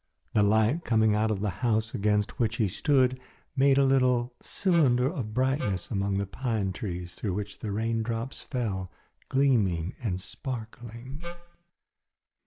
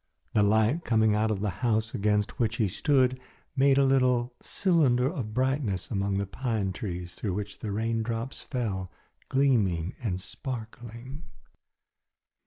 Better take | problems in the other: second | background sound (Wind instrument, woodwind instrument); 14 dB below the speech

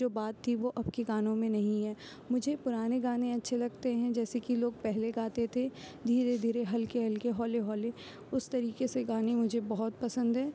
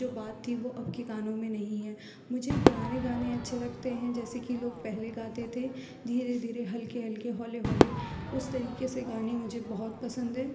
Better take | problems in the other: first | background sound (Crowd / Fireworks); as loud as the speech // room echo; dies away in 1.4 s

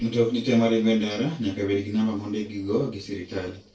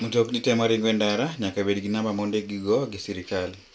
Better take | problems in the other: second | noise reduction (neural separator model SepFormer DNS4)

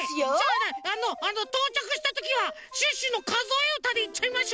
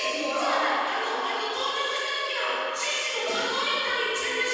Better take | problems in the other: first | background sound (Bowed string instrument); 13 dB below the speech // room echo; dies away in 2.1 s

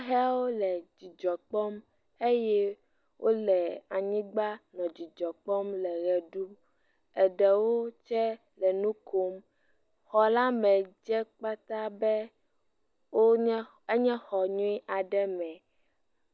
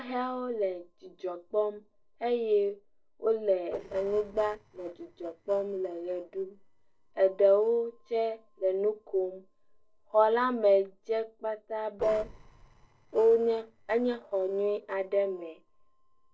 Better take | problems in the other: first | noise reduction (neural separator model SepFormer DNS4)

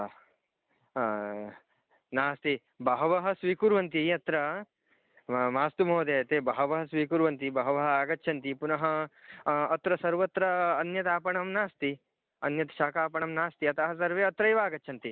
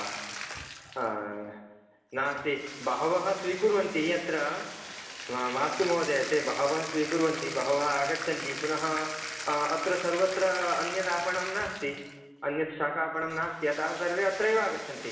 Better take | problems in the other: first | background sound (Bathtub (filling or washing)); 10 dB below the speech // room echo; dies away in 1.1 s

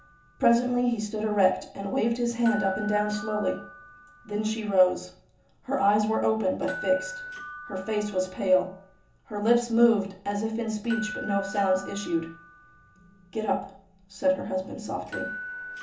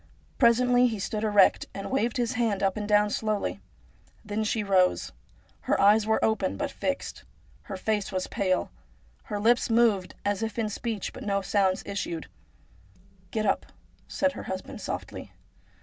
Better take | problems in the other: second | background sound (Door / Bell); 15 dB below the speech // room echo; dies away in 0.8 s

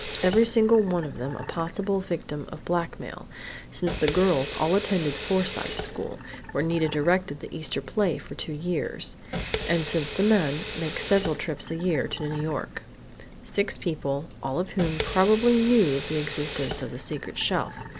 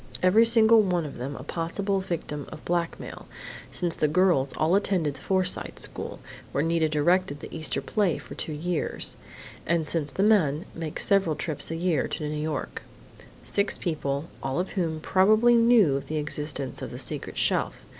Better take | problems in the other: second | background sound (Sink (filling or washing) / Water tap, faucet); 11 dB below the speech

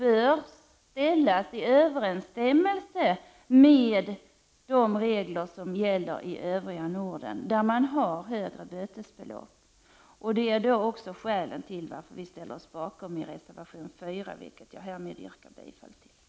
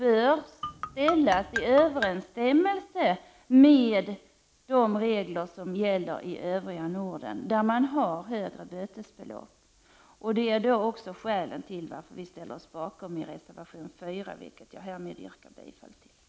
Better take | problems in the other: first | background sound (Marimba, xylophone); 7 dB below the speech

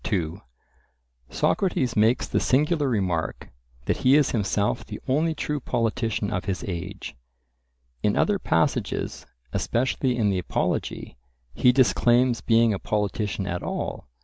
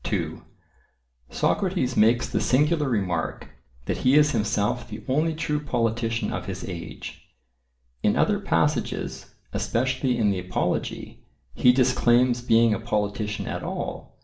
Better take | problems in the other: first | room echo; dies away in 0.4 s

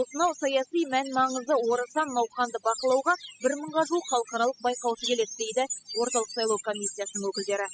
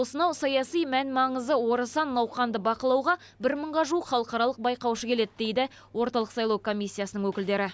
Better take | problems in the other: second | noise reduction (classical method spectral subtraction)

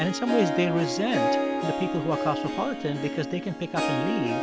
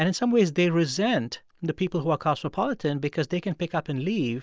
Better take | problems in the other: second | background sound (Harp); as loud as the speech

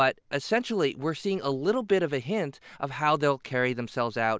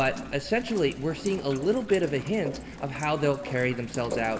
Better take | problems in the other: first | background sound (Rain); 11 dB below the speech // room echo; dies away in 1.3 s

